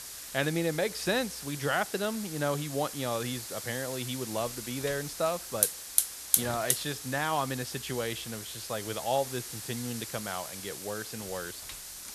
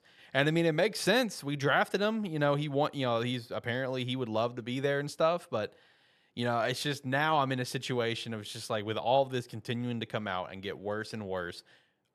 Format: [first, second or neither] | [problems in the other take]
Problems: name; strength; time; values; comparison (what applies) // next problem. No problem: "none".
second | hiss; loud; throughout; 1 dB below the speech